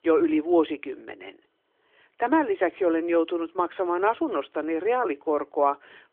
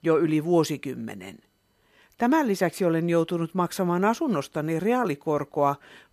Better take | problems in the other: second | phone-call audio; nothing above 3.5 kHz

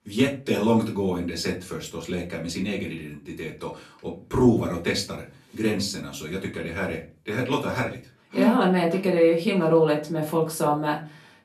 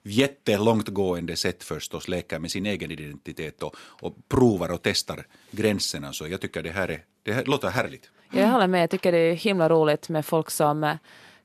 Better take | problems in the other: second | off-mic speech; far // room echo; very slight; dies away in 0.3 s

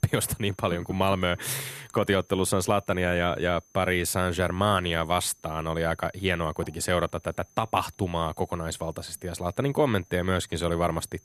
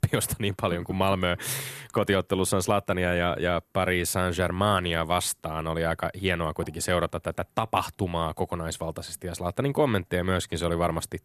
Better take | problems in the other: second | high-pitched whine; faint; throughout; 6 kHz, 30 dB below the speech

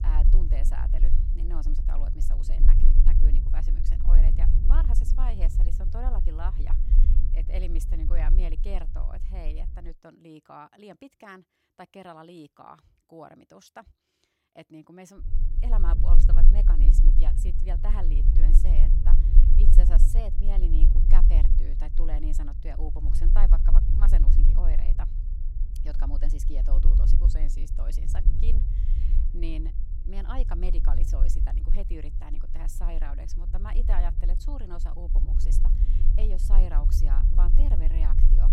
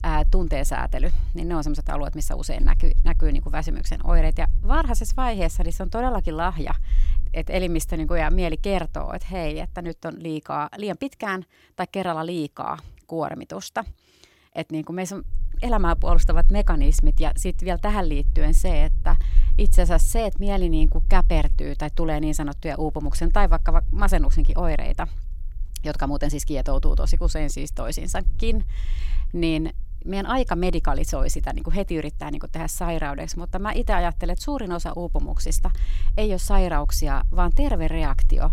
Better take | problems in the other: second | low rumble; loud; until 10 s and from 15 s on; 4 dB below the speech; faint in the second

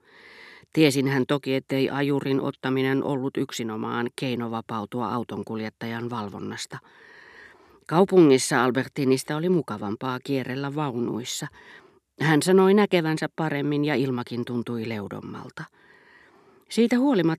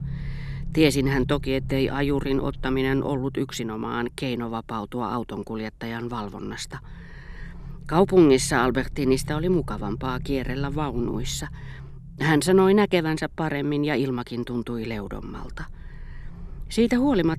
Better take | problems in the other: first | low rumble; faint; throughout; 25 dB below the speech

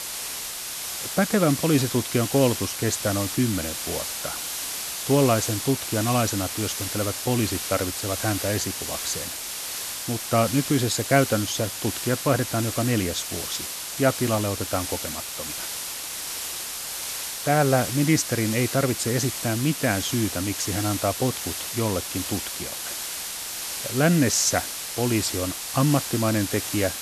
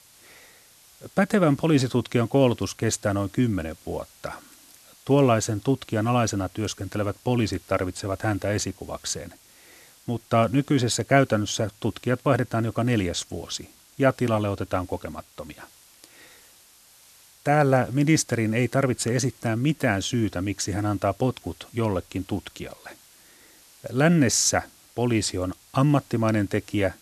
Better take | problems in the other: second | hiss; loud; throughout; 4 dB below the speech; faint in the second

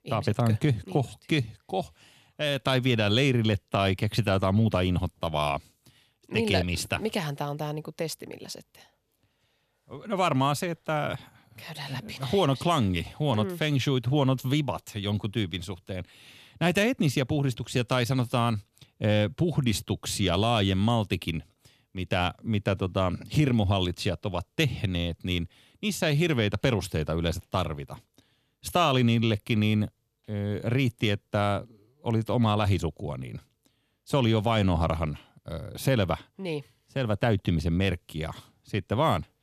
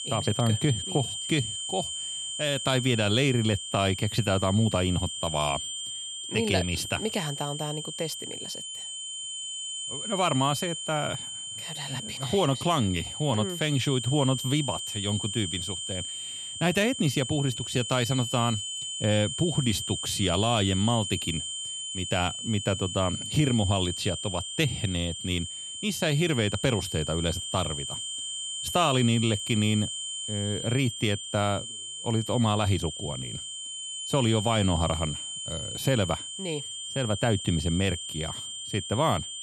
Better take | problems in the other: first | high-pitched whine; loud; throughout; 3 kHz, 5 dB below the speech

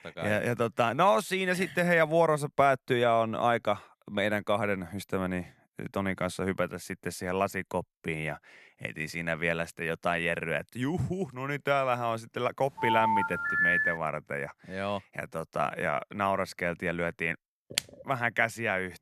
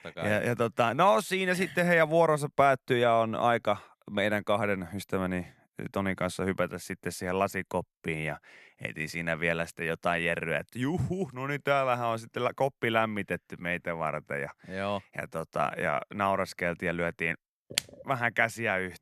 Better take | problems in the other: second | phone ringing; loud; from 13 to 14 s; peak 5 dB above the speech

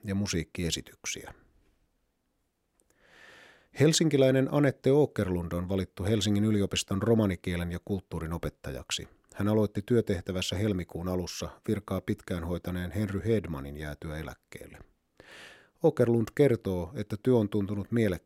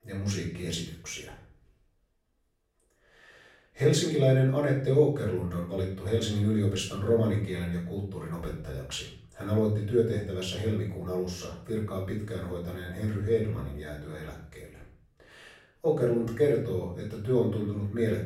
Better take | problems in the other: first | off-mic speech; far // room echo; noticeable; dies away in 0.5 s

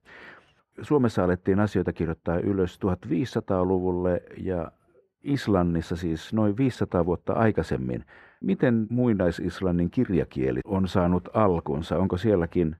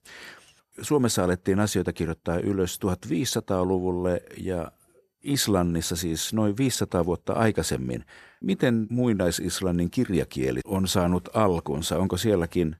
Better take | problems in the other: second | muffled; very; fading above 4 kHz

